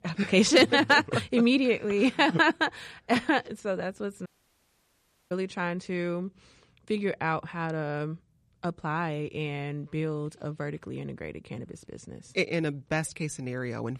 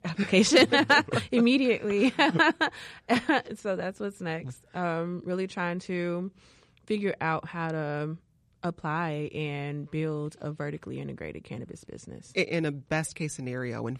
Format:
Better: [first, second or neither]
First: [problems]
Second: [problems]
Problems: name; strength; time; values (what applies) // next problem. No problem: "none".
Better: second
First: audio cutting out; at 4.5 s for 1 s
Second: none